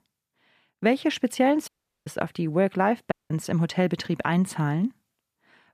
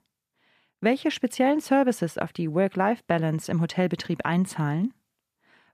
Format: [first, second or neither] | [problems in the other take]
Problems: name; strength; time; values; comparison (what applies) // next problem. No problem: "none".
second | audio cutting out; at 1.5 s and at 3 s